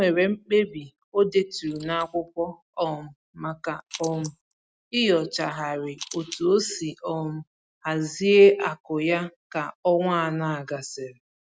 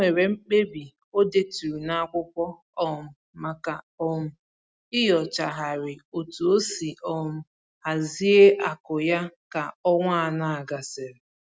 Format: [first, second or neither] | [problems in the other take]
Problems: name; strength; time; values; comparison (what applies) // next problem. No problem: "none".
second | noise reduction (neural mask model Resemble Enhance denoiser)